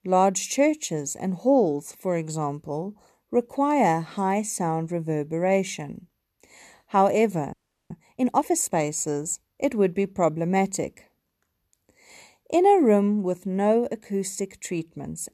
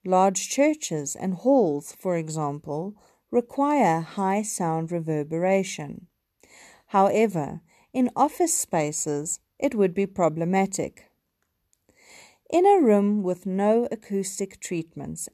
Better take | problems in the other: second | audio freezing; at 7.5 s

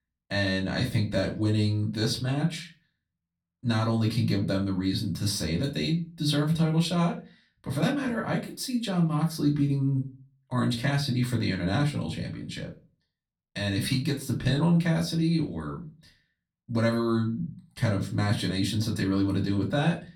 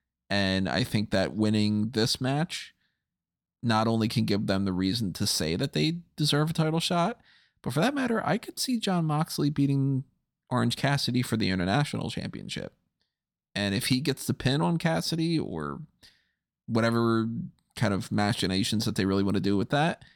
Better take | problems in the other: second | off-mic speech; far // room echo; very slight; dies away in 0.3 s

